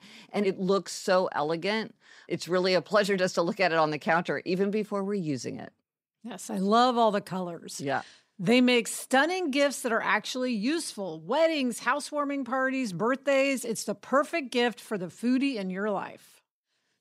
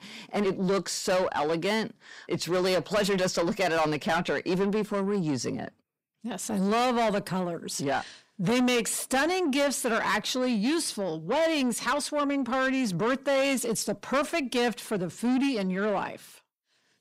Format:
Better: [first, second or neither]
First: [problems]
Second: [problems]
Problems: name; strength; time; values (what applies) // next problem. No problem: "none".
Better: first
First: none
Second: distortion; heavy; 8 dB below the speech